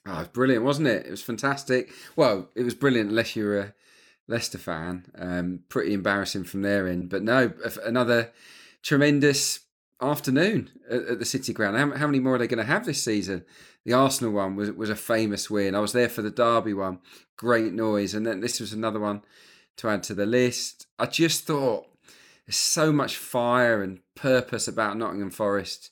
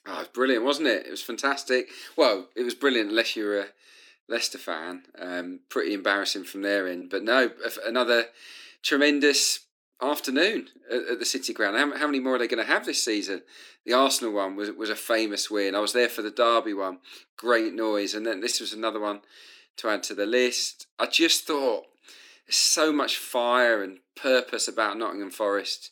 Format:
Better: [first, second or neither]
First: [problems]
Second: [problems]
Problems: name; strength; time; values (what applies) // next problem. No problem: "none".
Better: first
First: none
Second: thin; very slightly; fading below 250 Hz